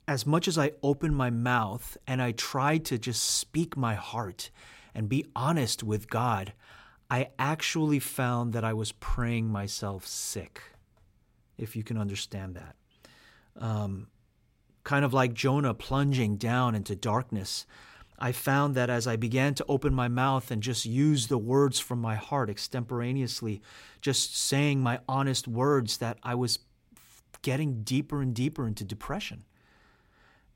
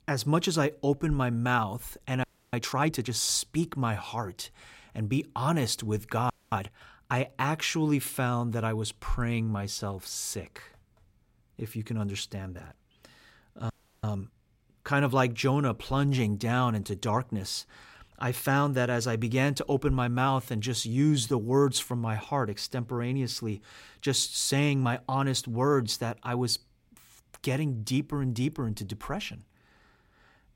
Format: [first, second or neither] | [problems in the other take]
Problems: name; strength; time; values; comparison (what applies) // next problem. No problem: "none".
first | audio freezing; at 2 s, at 6.5 s and at 14 s